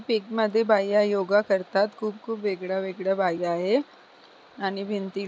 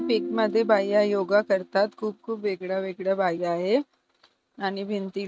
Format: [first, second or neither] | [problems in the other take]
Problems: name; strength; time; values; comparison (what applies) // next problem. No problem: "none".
first | noise reduction (neural mask model RNNoise)